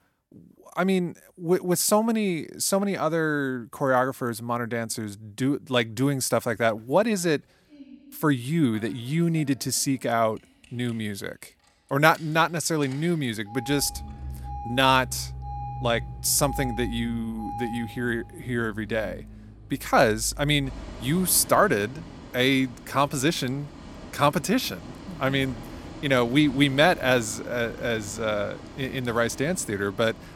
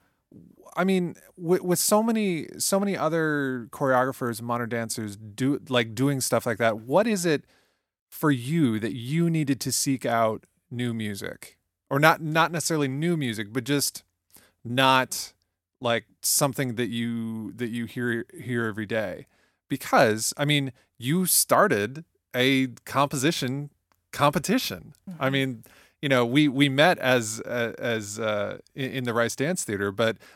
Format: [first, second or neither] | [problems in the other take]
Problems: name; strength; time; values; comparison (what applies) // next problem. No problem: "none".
second | traffic noise; noticeable; from 6.5 s on; 15 dB below the speech